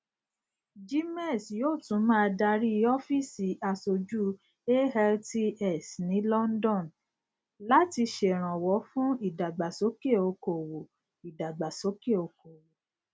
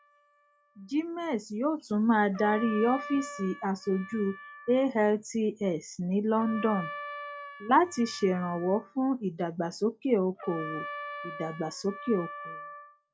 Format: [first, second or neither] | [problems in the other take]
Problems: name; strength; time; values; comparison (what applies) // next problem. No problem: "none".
first | noise reduction (classical method log-MMSE)